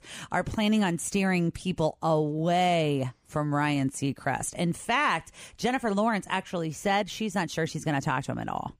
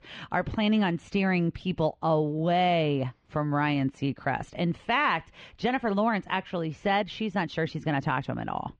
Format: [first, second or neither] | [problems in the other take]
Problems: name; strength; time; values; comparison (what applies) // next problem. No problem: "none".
first | muffled; slightly; fading above 4 kHz